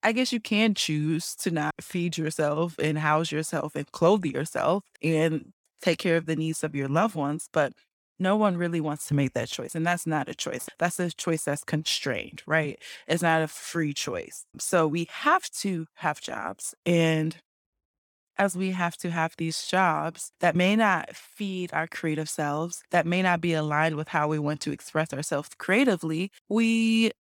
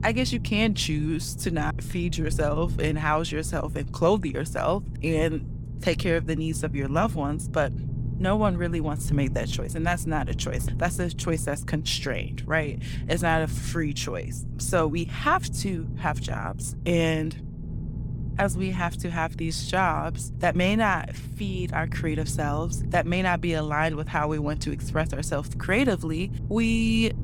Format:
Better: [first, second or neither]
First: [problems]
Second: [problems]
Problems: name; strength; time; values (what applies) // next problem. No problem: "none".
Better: first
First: none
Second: low rumble; noticeable; throughout; 15 dB below the speech